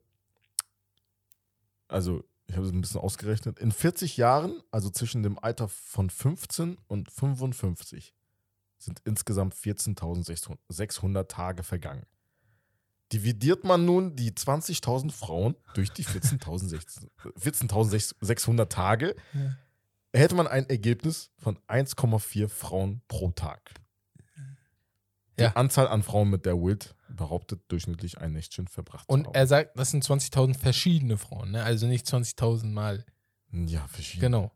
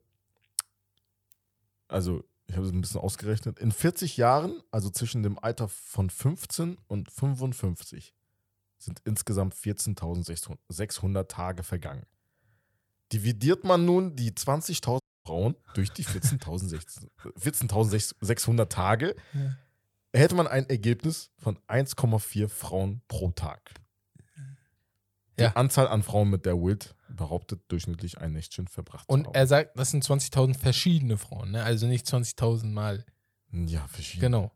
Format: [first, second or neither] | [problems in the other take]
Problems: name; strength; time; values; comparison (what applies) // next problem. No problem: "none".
first | audio cutting out; at 15 s